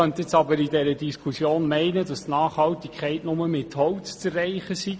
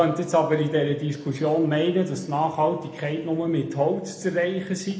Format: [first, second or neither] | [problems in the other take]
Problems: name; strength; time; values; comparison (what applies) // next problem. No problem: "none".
first | room echo; dies away in 0.7 s